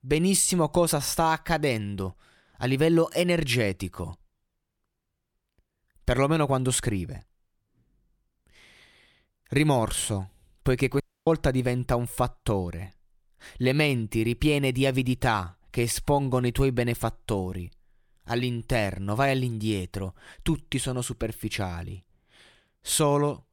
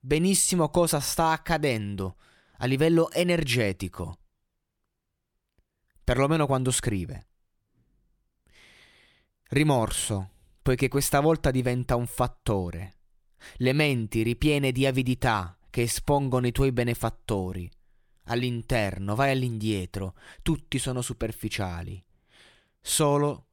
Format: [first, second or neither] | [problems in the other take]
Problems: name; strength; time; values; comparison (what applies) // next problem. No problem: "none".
second | audio cutting out; at 11 s